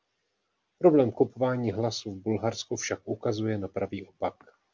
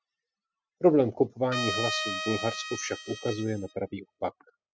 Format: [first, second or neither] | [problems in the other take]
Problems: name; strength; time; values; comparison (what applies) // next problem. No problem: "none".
first | noise reduction (classical method spectral subtraction)